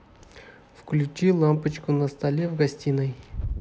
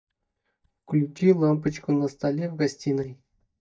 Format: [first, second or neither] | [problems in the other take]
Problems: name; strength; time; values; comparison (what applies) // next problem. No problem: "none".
first | noise reduction (neural mask model DeepFilterNet 3)